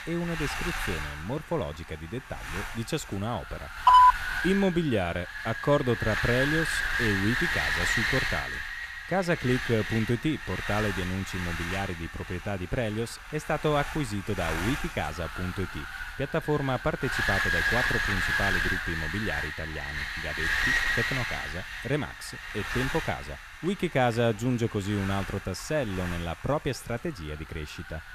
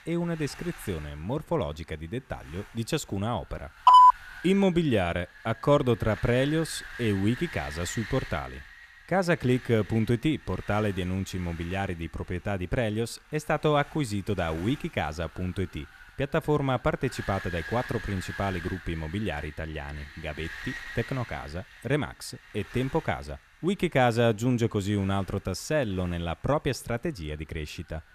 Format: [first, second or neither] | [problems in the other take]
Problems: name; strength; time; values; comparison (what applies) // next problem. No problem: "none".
second | wind noise on the microphone; heavy; as loud as the speech; occasional gusts in the second